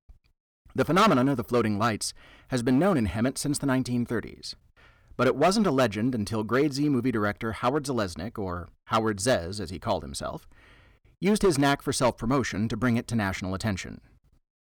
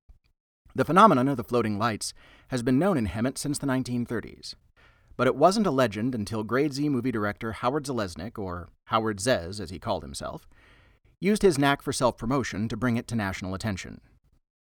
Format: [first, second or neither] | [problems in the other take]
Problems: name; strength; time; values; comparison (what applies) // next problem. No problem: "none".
second | distortion; slight; 3% of the sound clipped